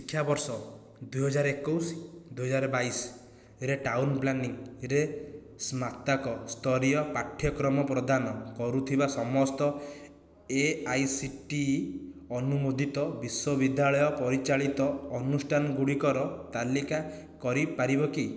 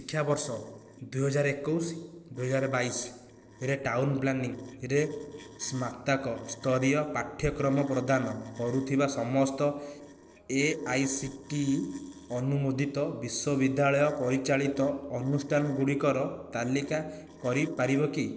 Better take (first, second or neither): first